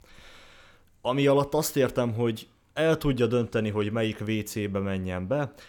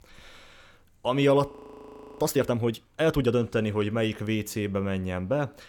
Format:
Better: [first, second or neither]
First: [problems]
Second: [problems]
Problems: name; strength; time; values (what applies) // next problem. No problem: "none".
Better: first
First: none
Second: audio freezing; at 1.5 s for 0.5 s